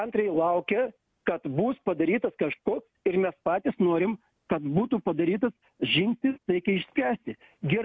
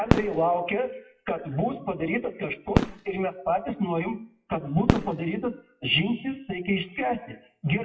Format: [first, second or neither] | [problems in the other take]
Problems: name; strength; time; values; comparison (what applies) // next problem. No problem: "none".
first | noise reduction (classical method WPE with log-MMSE)